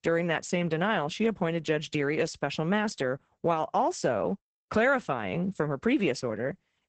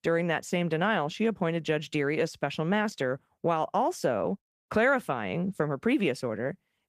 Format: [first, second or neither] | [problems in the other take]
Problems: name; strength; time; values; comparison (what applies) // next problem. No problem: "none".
second | garbled, watery; badly; nothing above 8 kHz; slightly in the second